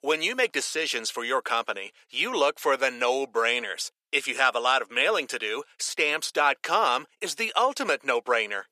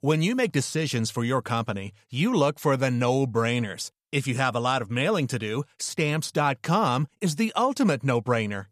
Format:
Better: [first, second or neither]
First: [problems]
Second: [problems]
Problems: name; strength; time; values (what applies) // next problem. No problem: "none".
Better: second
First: thin; very; fading below 400 Hz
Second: none